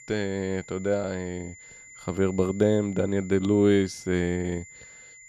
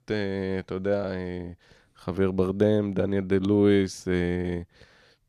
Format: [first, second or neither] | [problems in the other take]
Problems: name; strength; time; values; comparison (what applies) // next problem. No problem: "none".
second | high-pitched whine; noticeable; throughout; 2 kHz, 20 dB below the speech